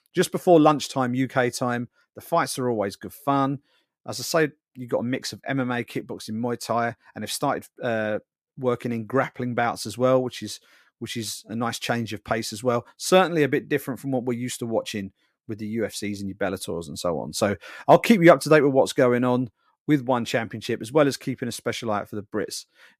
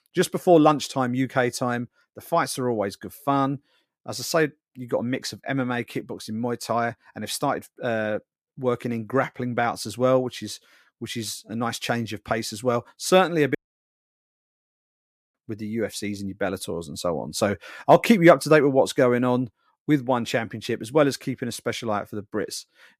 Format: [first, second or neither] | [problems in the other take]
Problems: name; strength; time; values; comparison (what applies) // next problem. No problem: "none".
first | audio cutting out; at 14 s for 2 s